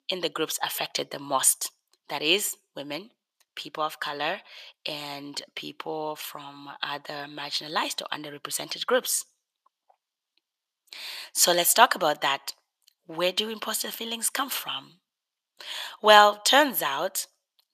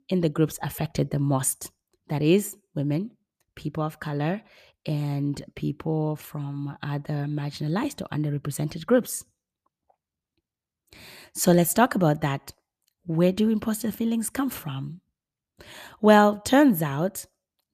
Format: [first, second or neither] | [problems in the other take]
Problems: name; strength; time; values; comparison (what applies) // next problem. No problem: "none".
second | thin; very; fading below 700 Hz